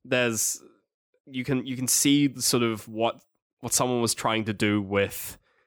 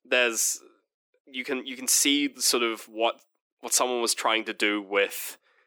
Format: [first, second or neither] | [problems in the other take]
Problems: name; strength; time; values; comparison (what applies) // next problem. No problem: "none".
first | thin; somewhat; fading below 300 Hz